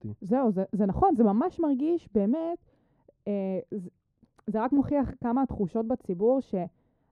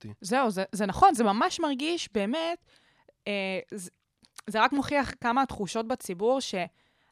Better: second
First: muffled; very; fading above 1 kHz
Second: none

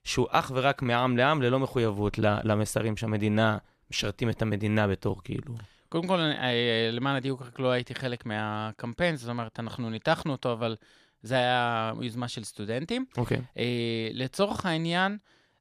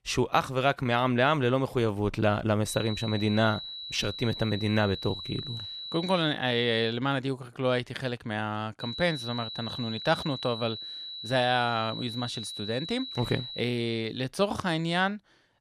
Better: first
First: none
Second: high-pitched whine; loud; from 2.5 to 6 s and from 9 to 14 s; 4 kHz, 8 dB below the speech

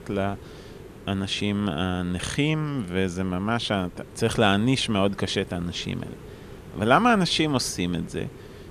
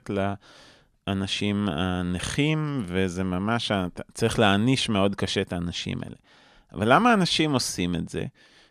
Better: second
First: hiss; noticeable; throughout; 20 dB below the speech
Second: none

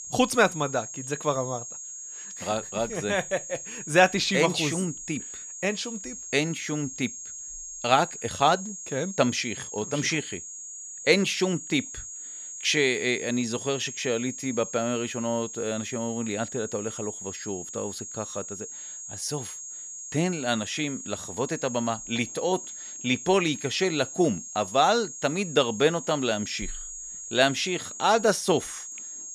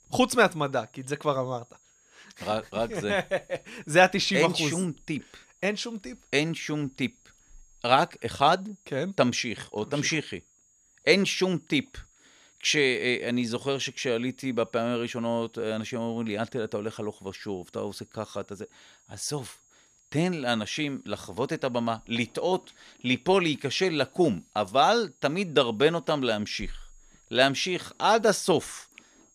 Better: second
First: high-pitched whine; loud; throughout; 6.5 kHz, 9 dB below the speech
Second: high-pitched whine; faint; throughout; 6.5 kHz, 35 dB below the speech

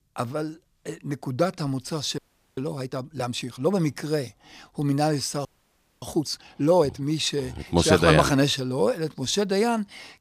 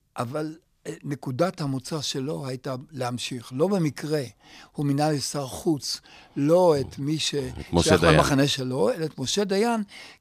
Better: second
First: audio freezing; at 2 s and at 5.5 s for 0.5 s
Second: none

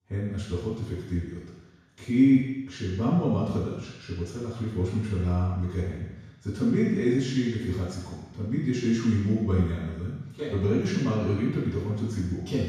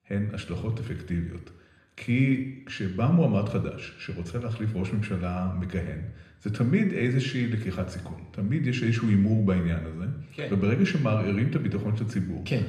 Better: second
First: room echo; strong; dies away in 1.1 s // off-mic speech; far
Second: room echo; slight; dies away in 0.8 s // off-mic speech; somewhat distant

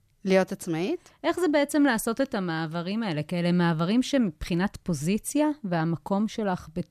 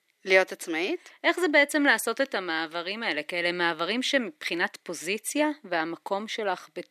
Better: first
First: none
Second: thin; somewhat; fading below 300 Hz

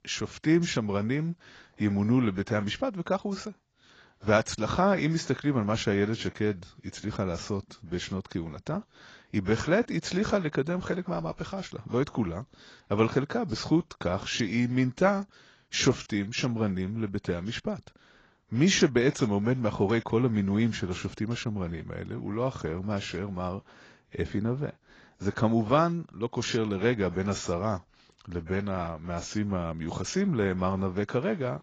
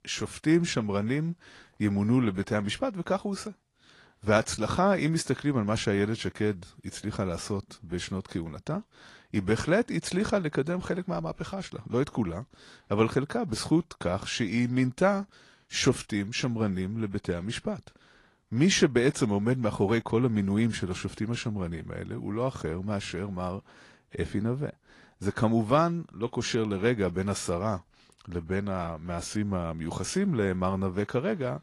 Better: second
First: garbled, watery; badly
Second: garbled, watery; slightly

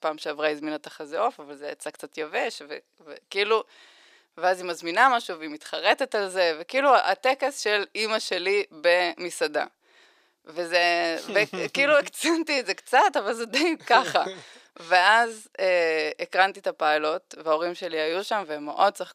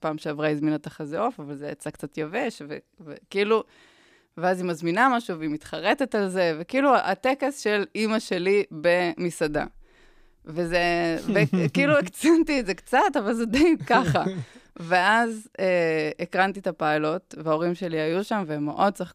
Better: second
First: thin; somewhat; fading below 550 Hz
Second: none

